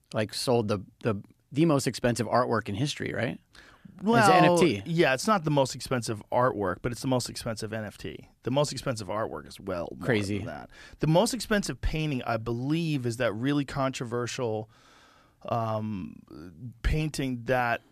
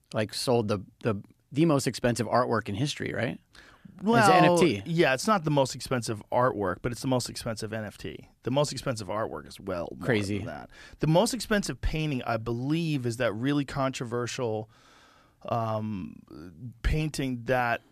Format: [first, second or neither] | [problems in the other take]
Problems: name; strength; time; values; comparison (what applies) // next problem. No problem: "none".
neither | none